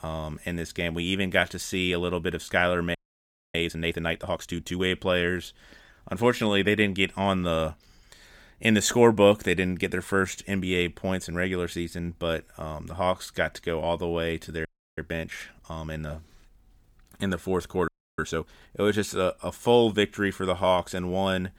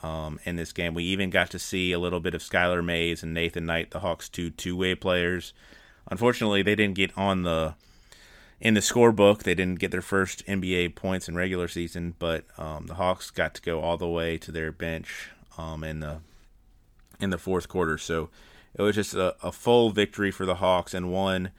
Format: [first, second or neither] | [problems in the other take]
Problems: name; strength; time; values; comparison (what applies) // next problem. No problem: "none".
second | audio freezing; at 3 s for 0.5 s, at 15 s and at 18 s